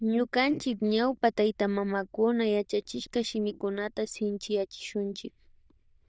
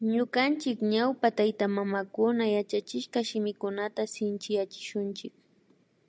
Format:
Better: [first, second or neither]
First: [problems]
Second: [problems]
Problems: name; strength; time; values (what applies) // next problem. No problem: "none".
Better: second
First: noise reduction (neural diffusion model UNIVERSE++)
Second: none